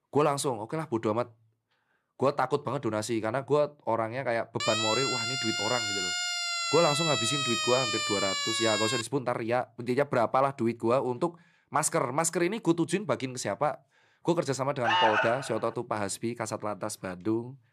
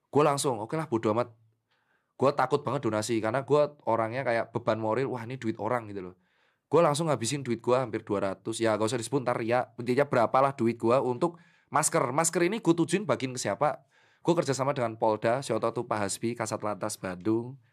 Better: second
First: siren; loud; from 4.5 to 9 s; peak 2 dB above the speech // alarm; loud; at 15 s; peak 6 dB above the speech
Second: none

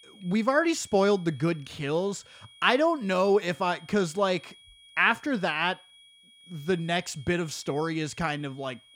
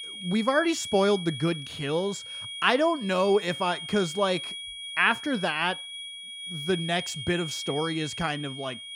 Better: first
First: high-pitched whine; faint; throughout; 3.5 kHz, 25 dB below the speech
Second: high-pitched whine; loud; throughout; 3.5 kHz, 9 dB below the speech

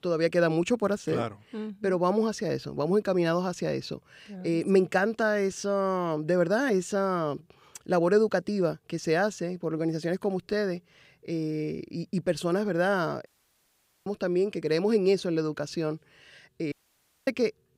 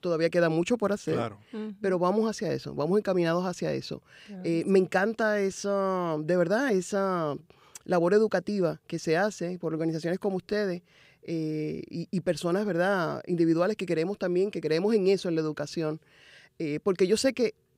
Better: second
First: audio cutting out; at 13 s for 1 s and at 17 s for 0.5 s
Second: none

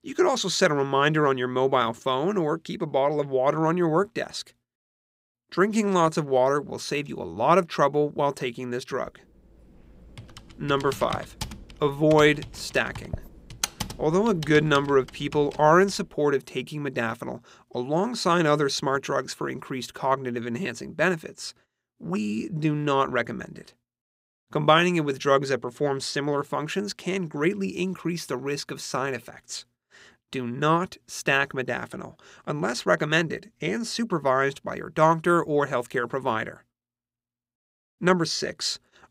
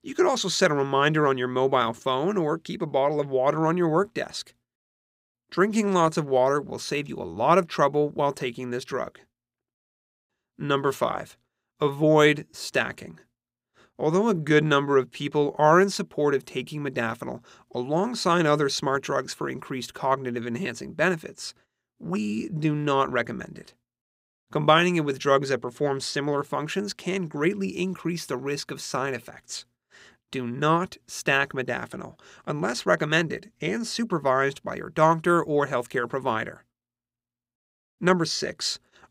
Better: second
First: keyboard typing; noticeable; from 10 to 15 s; peak 5 dB below the speech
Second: none

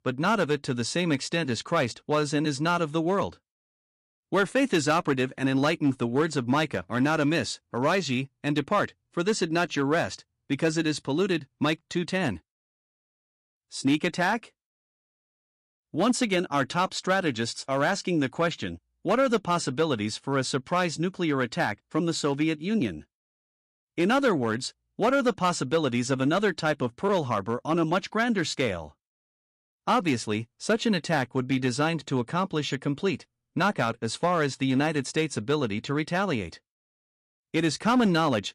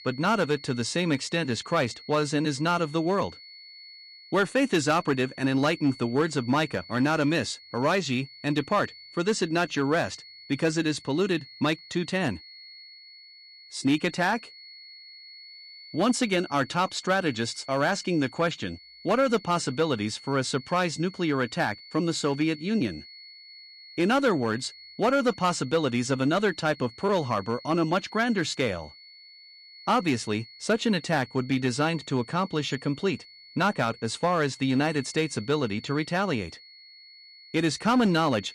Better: first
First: none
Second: high-pitched whine; noticeable; throughout; 4.5 kHz, 20 dB below the speech

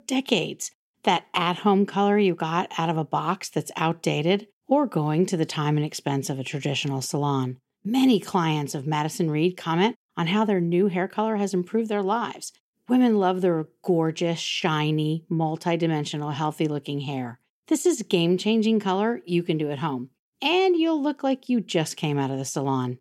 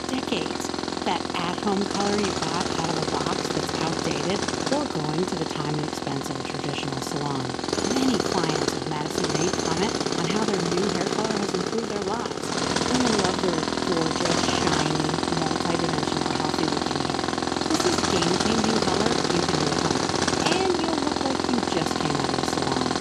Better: first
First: none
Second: machinery noise; very loud; throughout; 5 dB above the speech

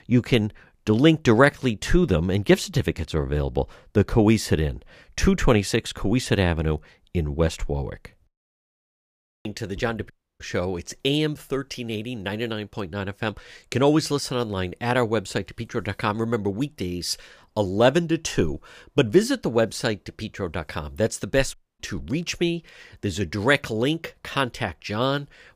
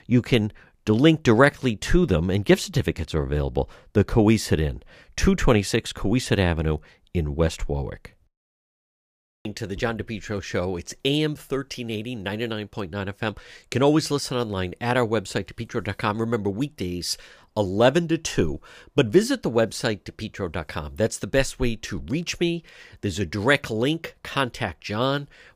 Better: second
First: audio cutting out; at 10 s and at 22 s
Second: none

